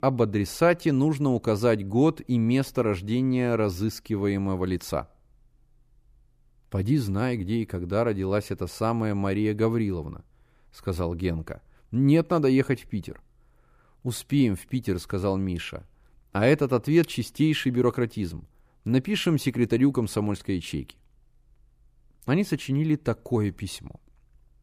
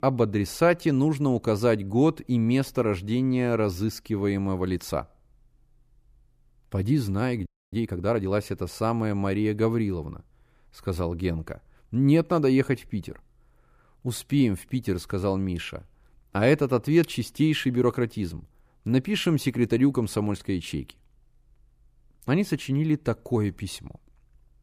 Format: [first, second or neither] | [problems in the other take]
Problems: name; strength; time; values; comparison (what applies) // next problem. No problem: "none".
first | audio freezing; at 7.5 s